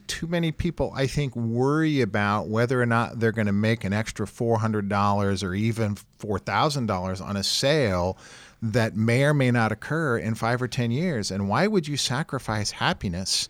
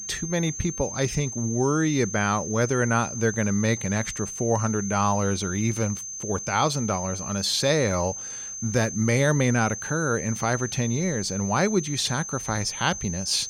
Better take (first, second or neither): first